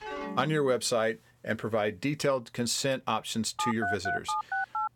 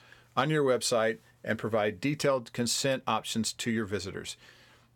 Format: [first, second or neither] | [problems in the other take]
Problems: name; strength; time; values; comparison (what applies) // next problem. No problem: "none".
second | phone ringing; noticeable; at the start and from 3.5 s on; peak 1 dB below the speech